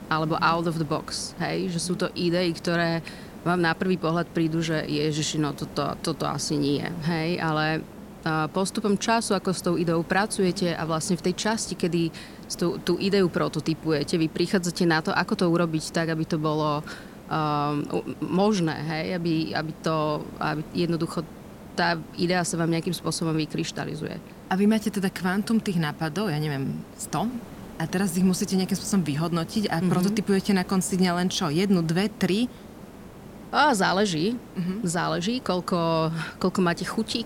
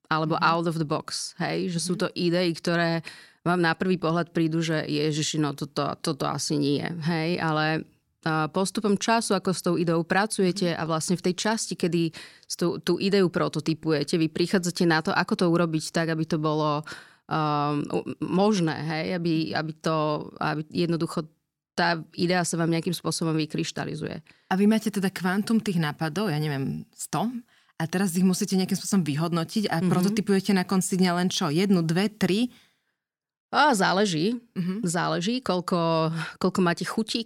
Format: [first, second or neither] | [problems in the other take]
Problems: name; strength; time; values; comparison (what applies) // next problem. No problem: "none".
second | hiss; noticeable; throughout; 15 dB below the speech